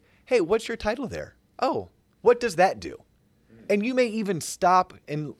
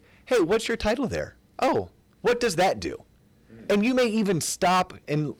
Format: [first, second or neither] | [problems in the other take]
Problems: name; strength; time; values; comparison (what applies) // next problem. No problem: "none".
first | distortion; heavy; 10% of the sound clipped